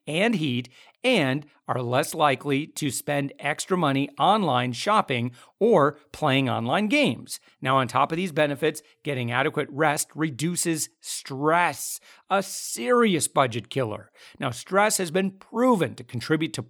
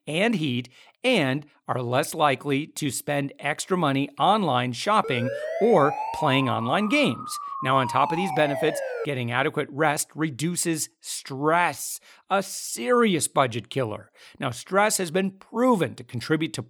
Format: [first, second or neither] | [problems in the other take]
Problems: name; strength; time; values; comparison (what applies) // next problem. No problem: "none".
first | siren; noticeable; from 5 to 9 s; peak 5 dB below the speech